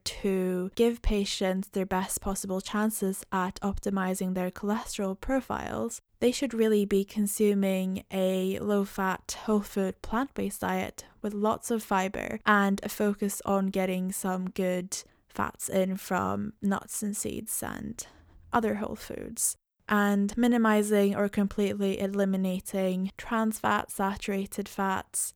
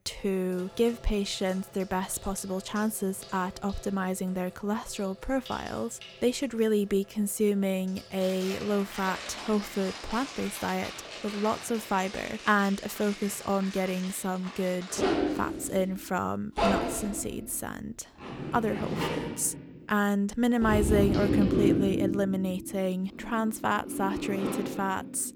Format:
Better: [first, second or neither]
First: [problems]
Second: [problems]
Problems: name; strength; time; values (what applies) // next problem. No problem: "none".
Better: first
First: none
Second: household noises; loud; throughout; 4 dB below the speech